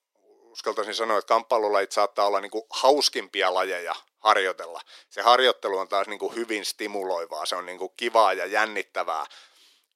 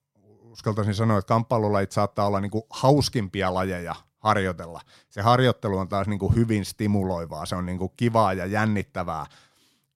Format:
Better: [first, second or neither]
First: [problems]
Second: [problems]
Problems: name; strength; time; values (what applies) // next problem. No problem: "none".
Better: second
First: thin; very; fading below 350 Hz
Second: none